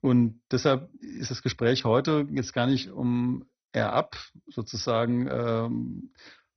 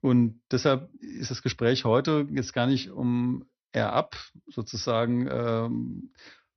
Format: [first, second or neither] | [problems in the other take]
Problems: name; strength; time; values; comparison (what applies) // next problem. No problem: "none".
second | garbled, watery; badly; nothing above 6 kHz; slightly in the second